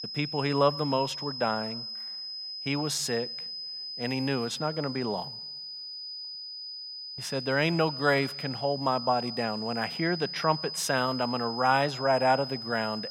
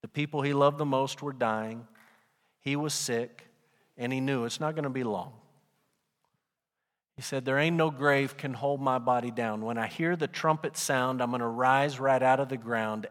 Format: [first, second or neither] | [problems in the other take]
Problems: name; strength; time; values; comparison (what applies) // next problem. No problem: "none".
second | high-pitched whine; loud; throughout; 5 kHz, 7 dB below the speech